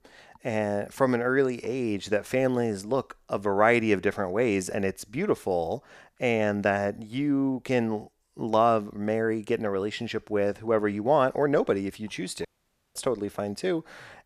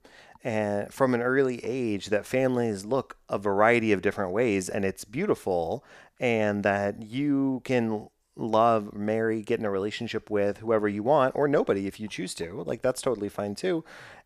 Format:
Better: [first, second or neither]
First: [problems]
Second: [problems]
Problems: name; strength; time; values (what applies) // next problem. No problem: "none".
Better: second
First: audio cutting out; at 12 s for 0.5 s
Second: none